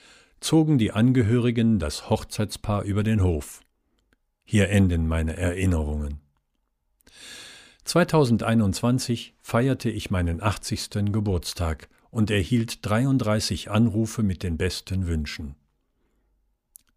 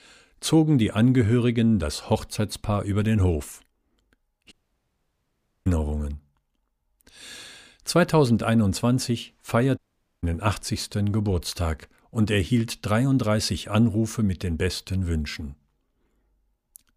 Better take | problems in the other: first | audio cutting out; at 4.5 s for 1 s and at 10 s

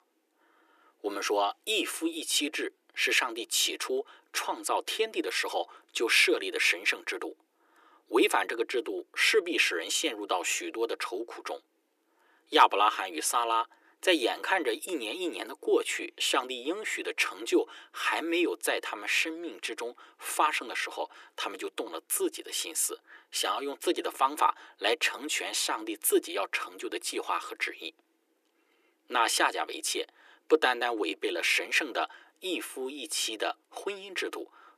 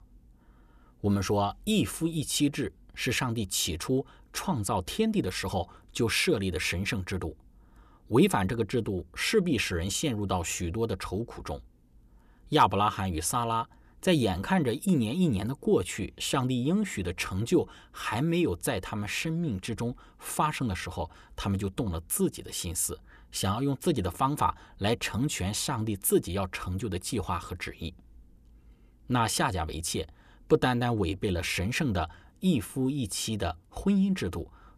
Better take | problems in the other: second | thin; very; fading below 300 Hz

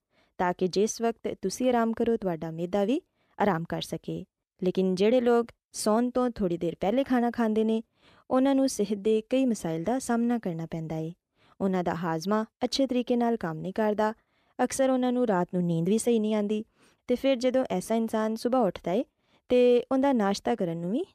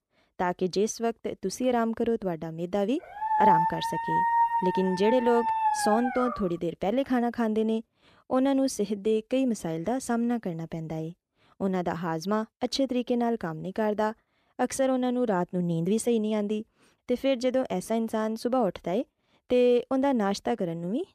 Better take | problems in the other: first | dog barking; loud; from 3 to 6.5 s; peak 6 dB above the speech

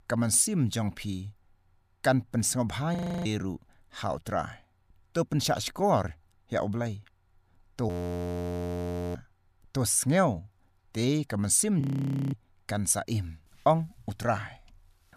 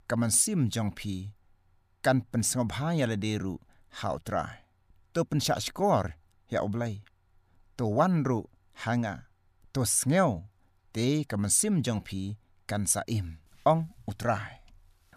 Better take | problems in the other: second | audio freezing; at 3 s, at 8 s for 1.5 s and at 12 s for 0.5 s

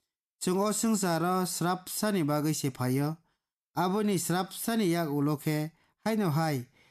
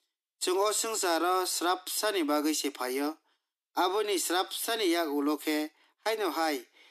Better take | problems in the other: first | thin; somewhat; fading below 300 Hz

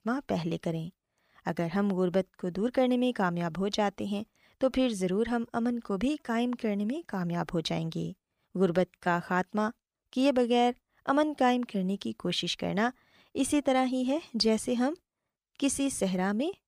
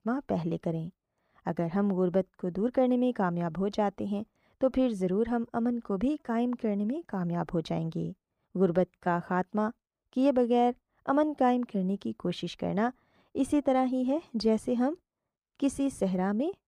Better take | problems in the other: first | muffled; slightly; fading above 1.5 kHz

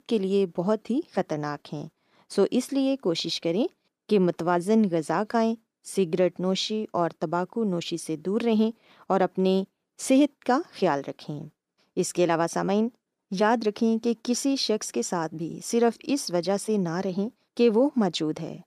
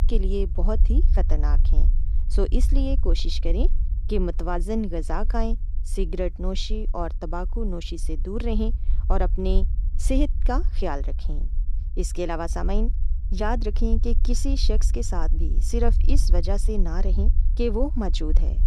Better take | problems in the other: first | low rumble; noticeable; throughout; 15 dB below the speech

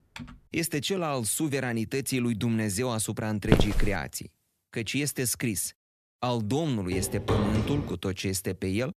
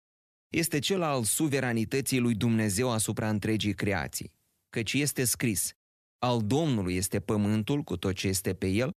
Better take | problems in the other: second | keyboard typing; faint; at the start; peak 15 dB below the speech // footsteps; loud; at 3.5 s and from 7 to 8 s; peak 4 dB above the speech

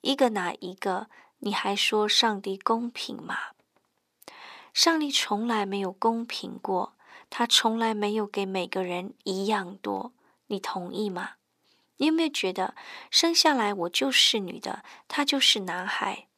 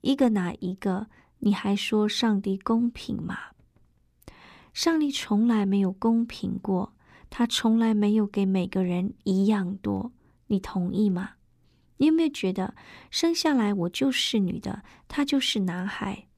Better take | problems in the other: second | thin; somewhat; fading below 500 Hz

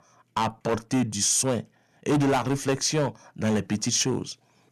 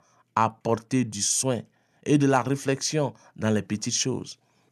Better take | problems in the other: second | distortion; heavy; 9% of the sound clipped

